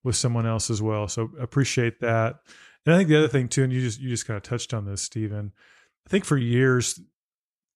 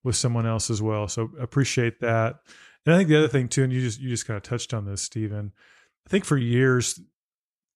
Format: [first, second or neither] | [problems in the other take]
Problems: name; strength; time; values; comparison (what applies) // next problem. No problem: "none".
neither | none